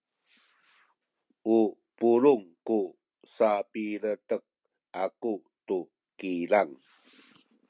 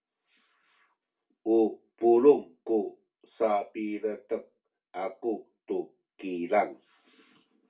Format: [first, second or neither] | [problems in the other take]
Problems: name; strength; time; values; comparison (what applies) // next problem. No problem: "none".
first | room echo; dies away in 0.2 s